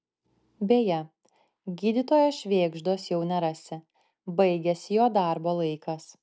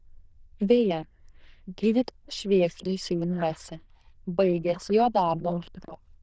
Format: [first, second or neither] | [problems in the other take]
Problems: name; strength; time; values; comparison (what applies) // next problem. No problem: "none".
first | noise reduction (neural diffusion model UNIVERSE++)